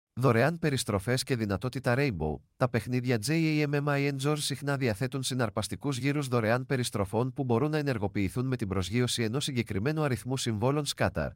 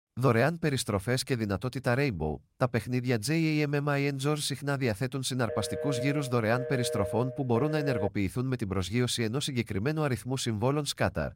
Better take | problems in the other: first | phone ringing; noticeable; from 5.5 to 8 s; peak 5 dB below the speech

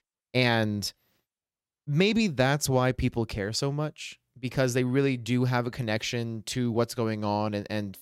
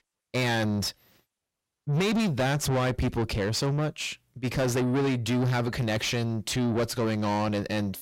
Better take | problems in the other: first | distortion; heavy; 6 dB below the speech

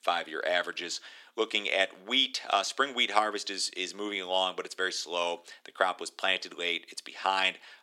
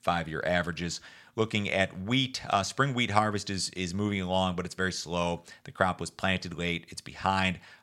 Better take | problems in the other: second | thin; somewhat; fading below 300 Hz

